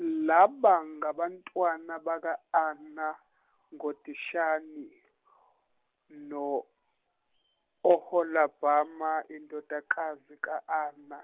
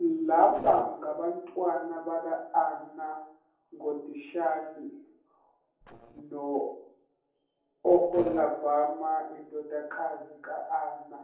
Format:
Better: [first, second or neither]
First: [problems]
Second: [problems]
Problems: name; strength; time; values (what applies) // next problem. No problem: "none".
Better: first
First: none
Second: noise reduction (neural separator model SepFormer DNS4)